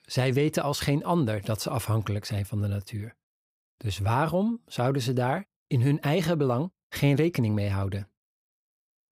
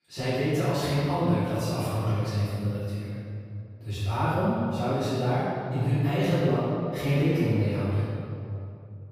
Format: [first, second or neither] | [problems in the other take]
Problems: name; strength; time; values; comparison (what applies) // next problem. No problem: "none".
first | off-mic speech; far // room echo; strong; dies away in 2.2 s